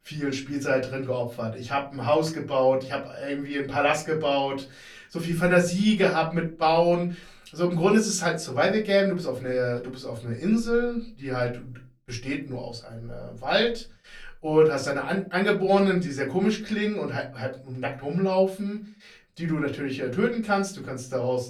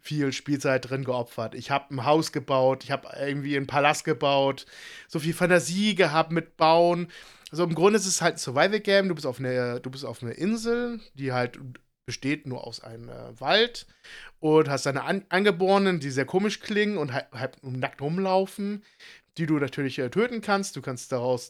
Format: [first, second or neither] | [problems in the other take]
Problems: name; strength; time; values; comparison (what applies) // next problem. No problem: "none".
second | off-mic speech; far // room echo; very slight; dies away in 0.3 s